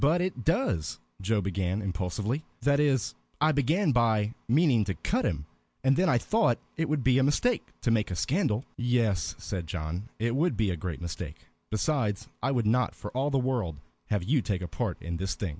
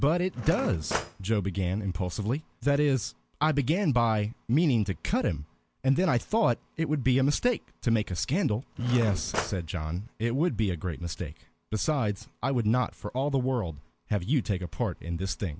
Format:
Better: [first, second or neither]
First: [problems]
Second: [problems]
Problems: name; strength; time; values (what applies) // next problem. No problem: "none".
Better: first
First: none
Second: background sound (Cutlery, silverware / Drawer open or close); 9 dB below the speech